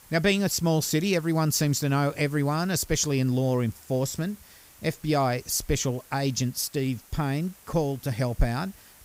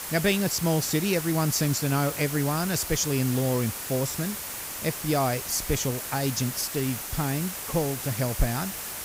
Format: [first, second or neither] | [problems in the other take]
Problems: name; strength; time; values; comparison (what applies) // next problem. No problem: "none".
first | hiss; loud; throughout; 5 dB below the speech; faint in the first